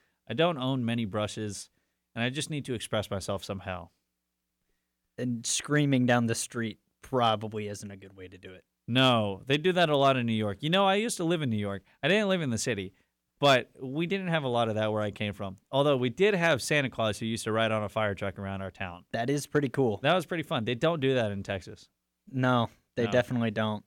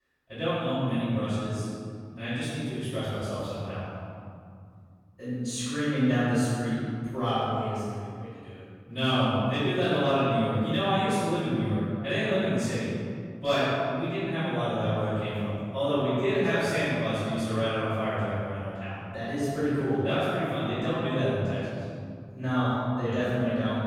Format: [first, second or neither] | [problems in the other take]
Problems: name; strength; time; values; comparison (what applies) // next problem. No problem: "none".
first | off-mic speech; far // room echo; strong; dies away in 2.5 s